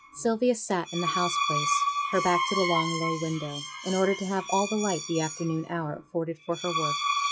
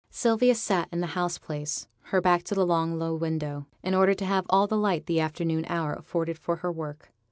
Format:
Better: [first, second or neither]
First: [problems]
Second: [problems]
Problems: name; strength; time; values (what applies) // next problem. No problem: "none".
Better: second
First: noise reduction (classical method log-MMSE)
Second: none